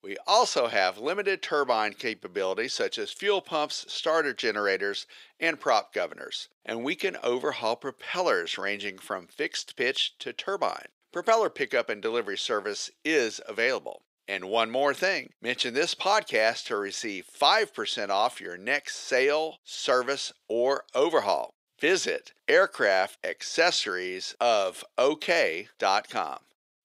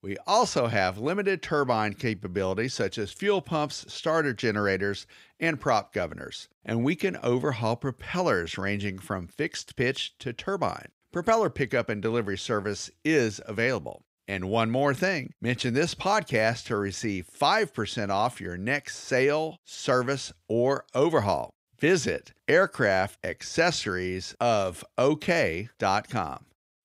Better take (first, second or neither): second